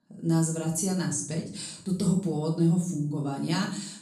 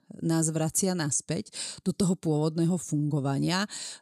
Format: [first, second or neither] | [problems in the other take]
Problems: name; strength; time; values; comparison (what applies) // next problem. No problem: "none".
second | room echo; noticeable; dies away in 0.5 s // off-mic speech; far